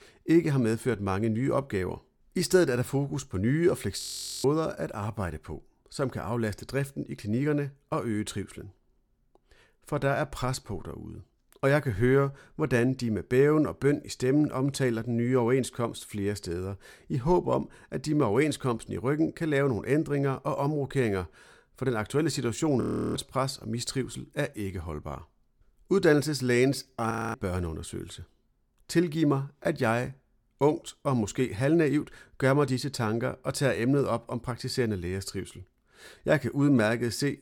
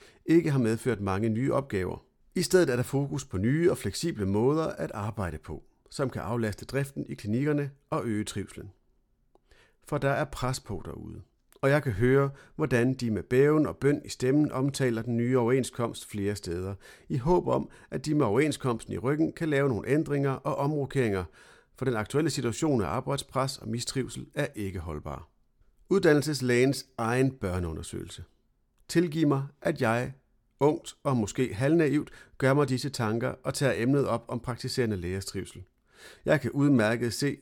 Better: second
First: audio freezing; at 4 s, at 23 s and at 27 s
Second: none

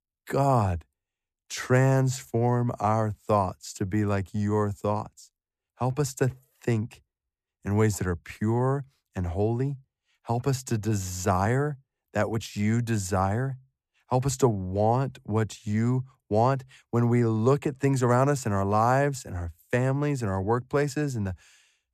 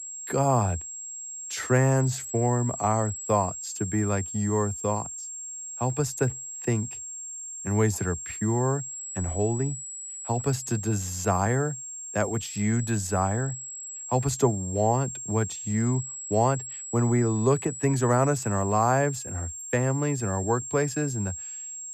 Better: first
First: none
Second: high-pitched whine; loud; throughout; 7.5 kHz, 8 dB below the speech

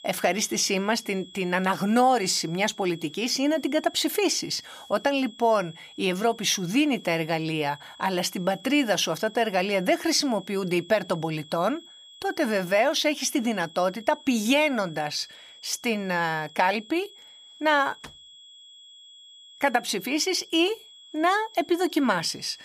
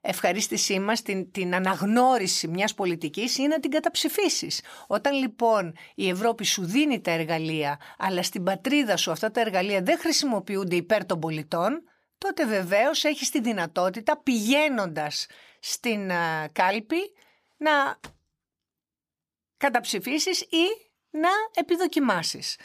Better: second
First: high-pitched whine; faint; throughout; 3.5 kHz, 20 dB below the speech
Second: none

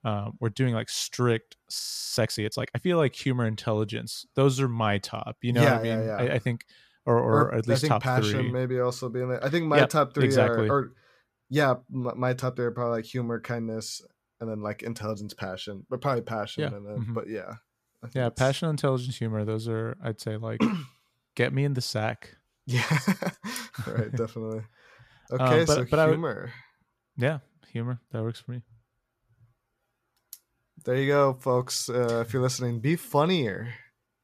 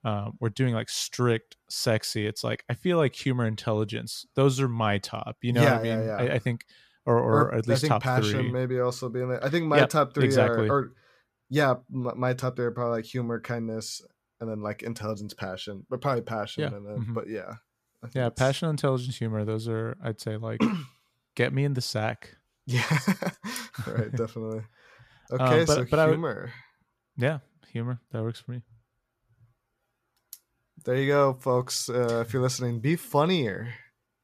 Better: second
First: audio freezing; at 2 s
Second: none

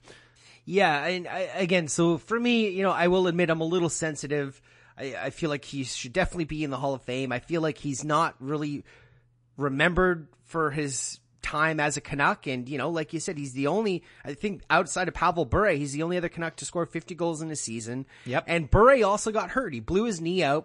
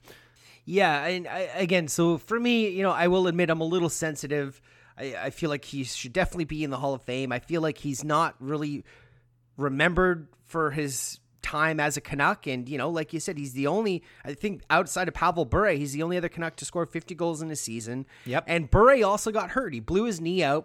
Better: second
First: garbled, watery; slightly; nothing above 9 kHz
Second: none

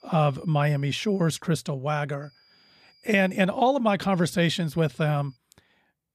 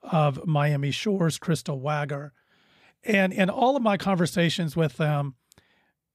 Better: second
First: high-pitched whine; faint; until 1.5 s, from 2 to 3.5 s and from 4 to 5.5 s; 5 kHz, 35 dB below the speech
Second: none

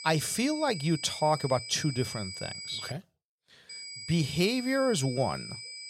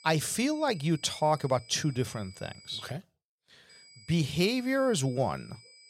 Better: second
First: high-pitched whine; loud; until 3 s and from 3.5 s on; 5 kHz, 10 dB below the speech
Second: high-pitched whine; faint; until 3 s and from 3.5 s on; 5 kHz, 25 dB below the speech

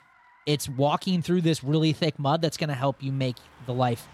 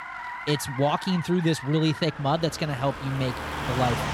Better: first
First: traffic noise; faint; throughout; 30 dB below the speech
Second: traffic noise; loud; throughout; 8 dB below the speech

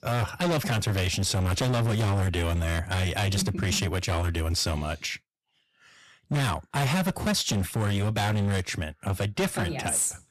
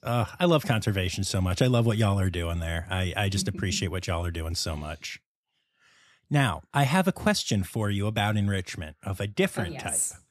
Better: second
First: distortion; heavy; 22% of the sound clipped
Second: none

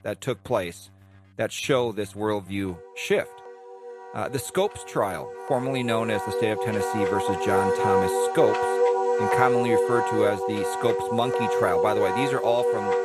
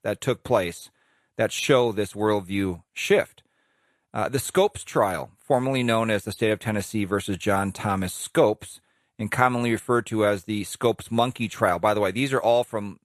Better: second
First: background music; very loud; throughout; 3 dB above the speech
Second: none

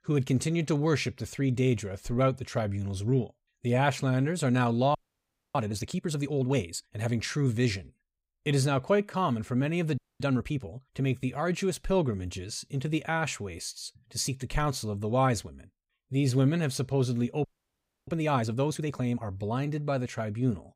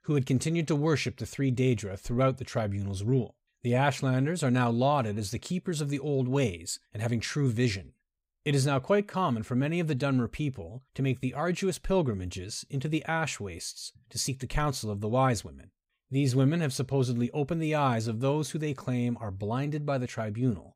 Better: second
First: audio freezing; at 5 s for 0.5 s, at 10 s and at 17 s for 0.5 s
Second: none

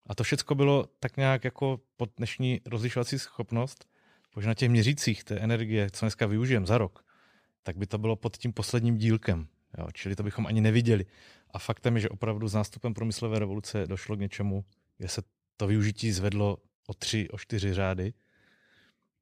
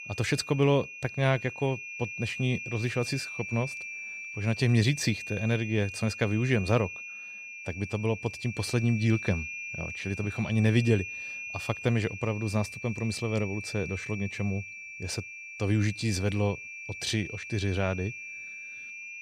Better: first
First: none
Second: high-pitched whine; loud; throughout; 2.5 kHz, 9 dB below the speech

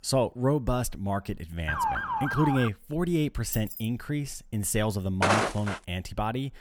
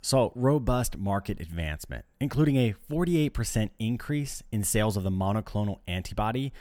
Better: second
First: siren; loud; from 1.5 to 2.5 s; peak 1 dB above the speech // jangling keys; noticeable; at 3.5 s; peak 7 dB below the speech // footsteps; loud; at 5 s; peak 5 dB above the speech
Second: none

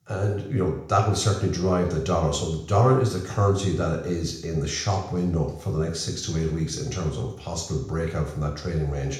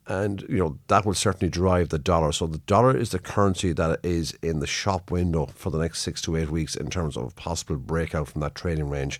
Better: second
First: room echo; noticeable; dies away in 0.6 s // off-mic speech; far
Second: none

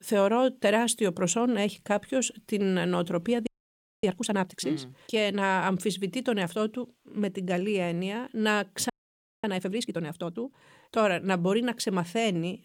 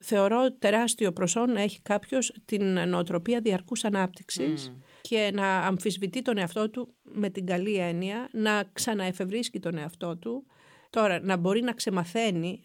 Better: second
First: audio freezing; at 3.5 s for 0.5 s and at 9 s for 0.5 s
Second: none

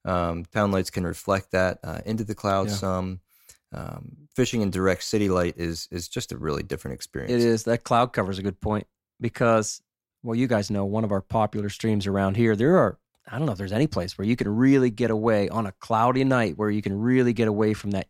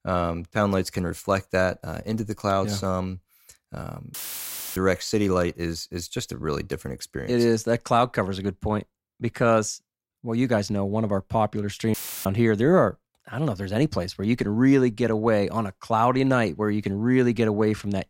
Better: first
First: none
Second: audio cutting out; filled with static; at 4 s for 0.5 s and at 12 s

